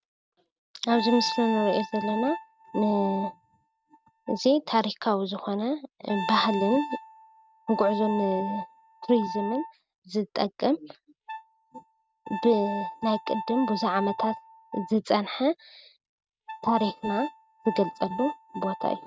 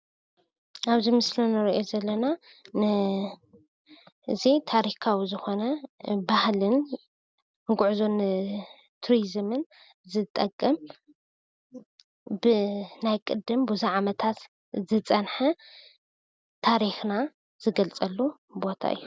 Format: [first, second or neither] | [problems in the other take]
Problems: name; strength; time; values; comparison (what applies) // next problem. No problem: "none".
second | noise reduction (neural mask model RNNoise)